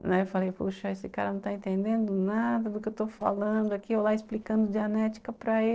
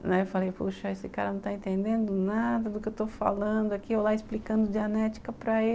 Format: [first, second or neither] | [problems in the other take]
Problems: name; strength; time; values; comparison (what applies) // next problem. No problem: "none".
second | noise reduction (neural separator model SepFormer DNS4)